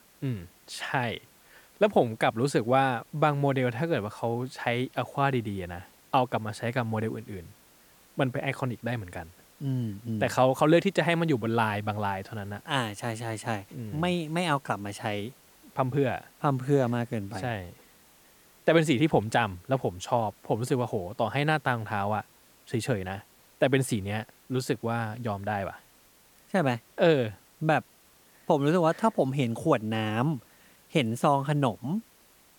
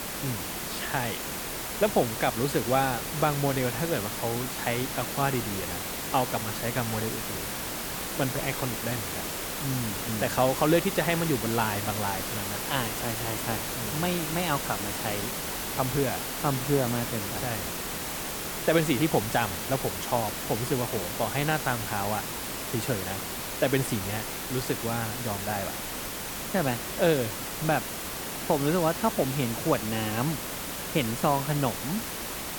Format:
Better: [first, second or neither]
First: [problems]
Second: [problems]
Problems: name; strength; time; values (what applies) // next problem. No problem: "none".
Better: first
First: hiss; faint; throughout; 30 dB below the speech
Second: hiss; loud; throughout; 2 dB below the speech